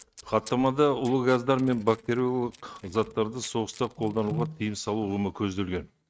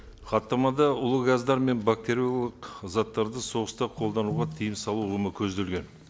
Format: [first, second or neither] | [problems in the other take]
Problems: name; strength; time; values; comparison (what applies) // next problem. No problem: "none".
second | noise reduction (neural mask model RNNoise)